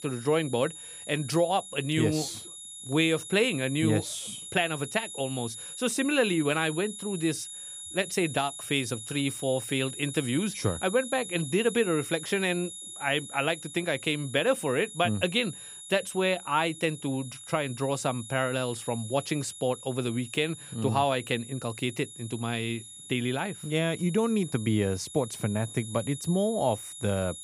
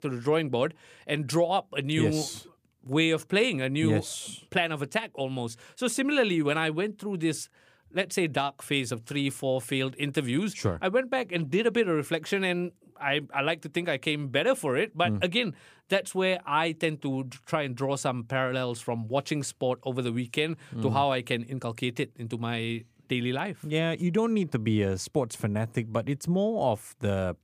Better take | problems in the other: second | high-pitched whine; noticeable; throughout; 11 kHz, 10 dB below the speech

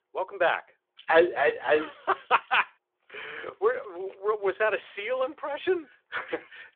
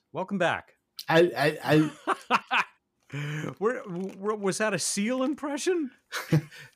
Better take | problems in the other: second | phone-call audio

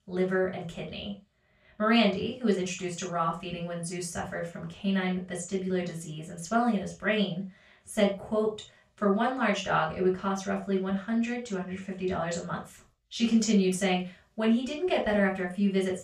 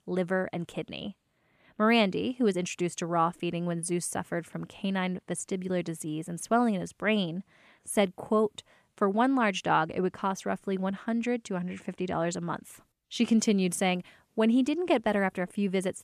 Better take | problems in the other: second | room echo; slight; dies away in 0.2 s // off-mic speech; far

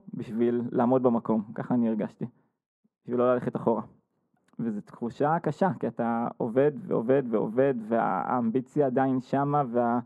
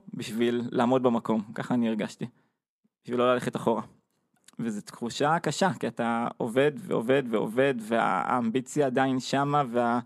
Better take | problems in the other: second | muffled; very; fading above 2 kHz

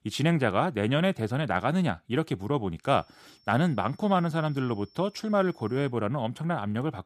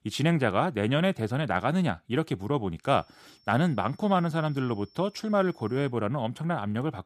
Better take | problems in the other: neither | high-pitched whine; faint; from 3 to 6 s; 5.5 kHz, 30 dB below the speech; the same in both

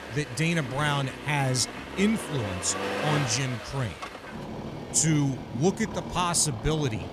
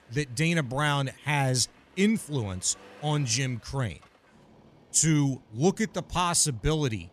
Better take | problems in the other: second | traffic noise; loud; throughout; 8 dB below the speech; faint in the second

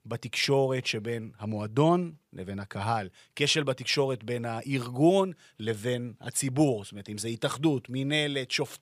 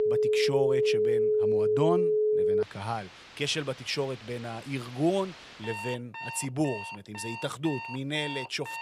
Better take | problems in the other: first | alarms or sirens; very loud; throughout; 4 dB above the speech

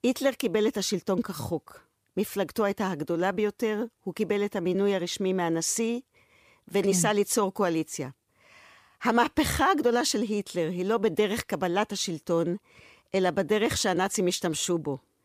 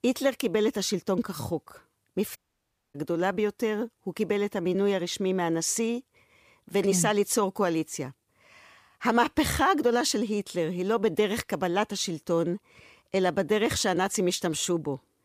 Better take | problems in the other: first | audio cutting out; at 2.5 s for 0.5 s

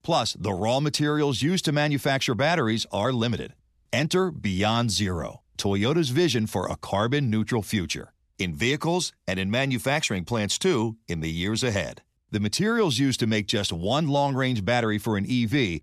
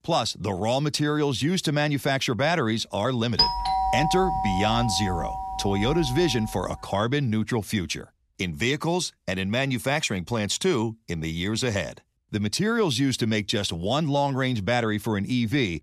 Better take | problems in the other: first | doorbell; loud; from 3.5 to 6.5 s; peak 4 dB above the speech

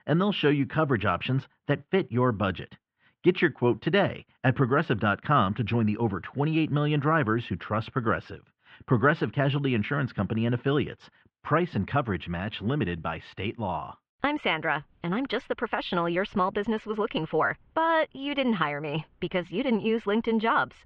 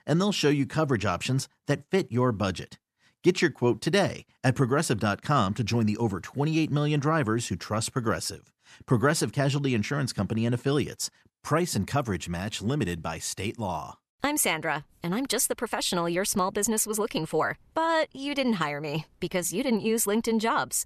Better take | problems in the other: second | muffled; very; fading above 3 kHz

